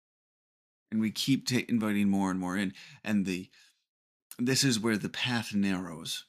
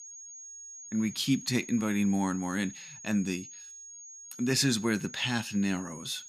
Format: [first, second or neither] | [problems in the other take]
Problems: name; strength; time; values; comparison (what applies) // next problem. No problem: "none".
first | high-pitched whine; noticeable; throughout; 6.5 kHz, 15 dB below the speech